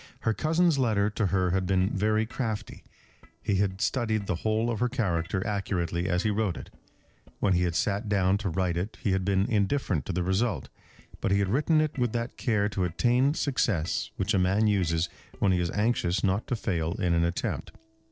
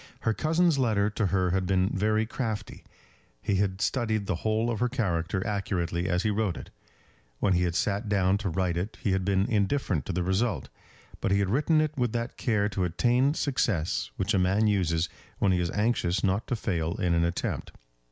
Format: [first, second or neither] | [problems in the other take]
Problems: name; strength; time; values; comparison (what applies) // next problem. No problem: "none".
second | noise reduction (neural separator model SepFormer DNS4)